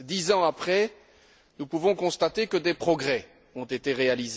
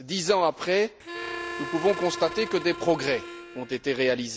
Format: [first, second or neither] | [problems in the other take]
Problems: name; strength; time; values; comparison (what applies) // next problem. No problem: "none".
first | background sound (Harmonica); 10 dB below the speech